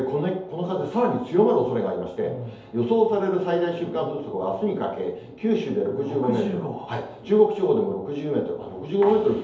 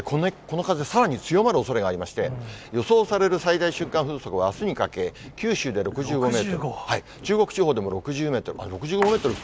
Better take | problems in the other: second | room echo; dies away in 2.2 s

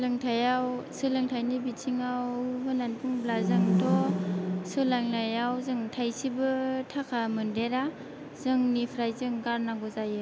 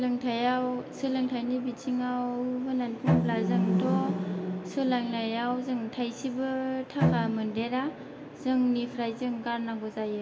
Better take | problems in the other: first | background sound (Bowed string instrument); 1 dB below the speech // room echo; dies away in 0.7 s

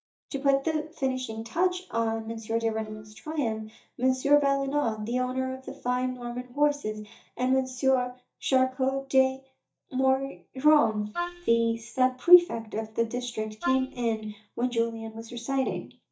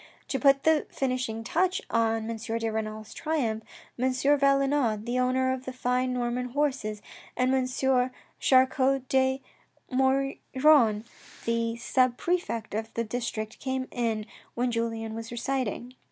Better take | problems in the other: second | noise reduction (neural mask model DeepFilterNet 3)

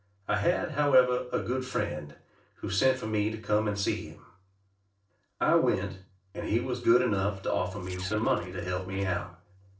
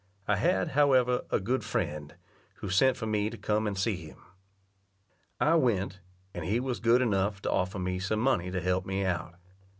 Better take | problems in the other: second | noise reduction (neural separator model SepFormer DNS4)

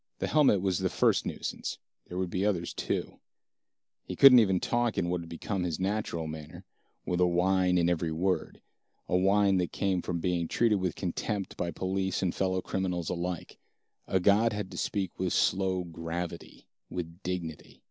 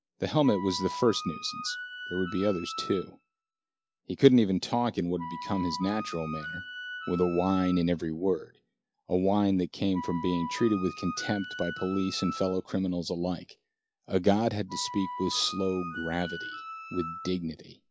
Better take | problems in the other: first | noise reduction (classical method log-MMSE)

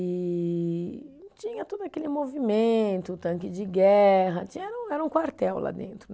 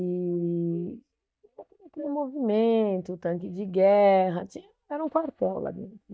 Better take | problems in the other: first | noise reduction (neural mask model DeepFilterNet 3)

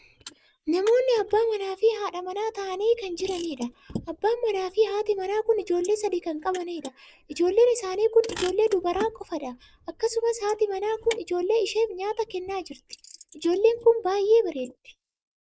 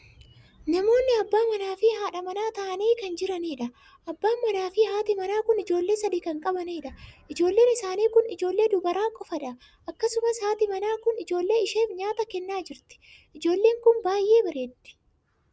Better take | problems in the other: second | noise reduction (neural mask model Resemble Enhance denoiser)

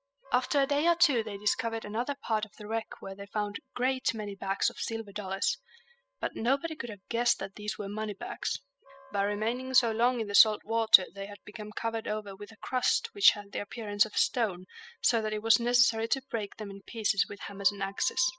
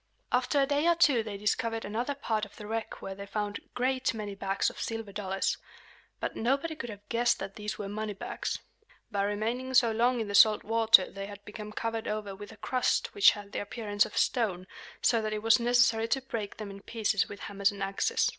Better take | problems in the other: second | noise reduction (classical method spectral subtraction)

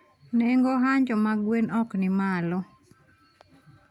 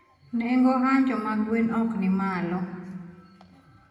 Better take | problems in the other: first | room echo; dies away in 1.8 s

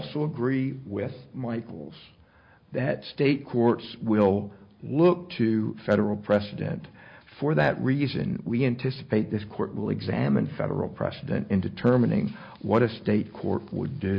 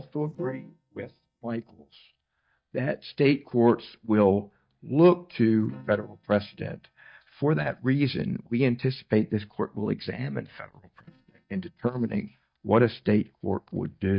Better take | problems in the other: first | noise reduction (neural mask model DeepFilterNet 3)

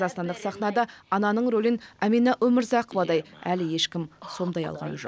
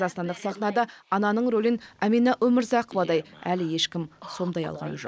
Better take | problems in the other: first | noise reduction (neural mask model Resemble Enhance denoiser)

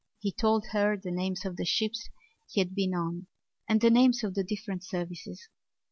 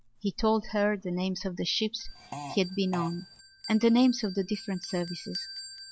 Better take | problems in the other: first | background sound (Fart + Bell); 15 dB below the speech

